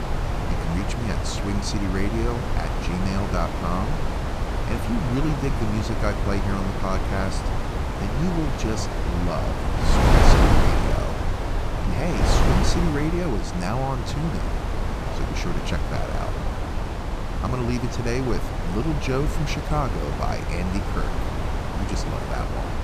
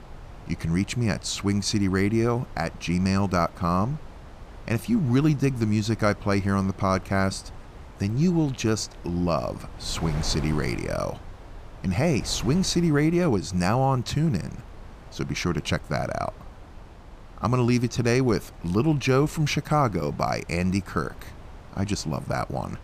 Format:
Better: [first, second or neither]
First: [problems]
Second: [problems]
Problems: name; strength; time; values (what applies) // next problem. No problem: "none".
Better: second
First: wind noise on the microphone; heavy; 2 dB above the speech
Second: wind noise on the microphone; occasional gusts; 20 dB below the speech